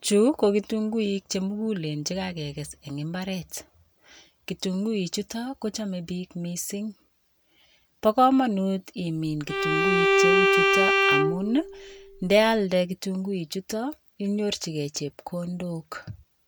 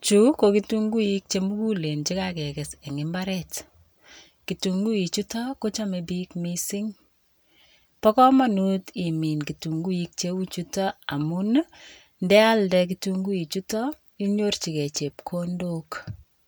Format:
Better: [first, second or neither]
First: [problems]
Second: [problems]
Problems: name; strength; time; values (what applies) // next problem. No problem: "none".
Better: second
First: background sound (Bowed string instrument); 4 dB above the speech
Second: none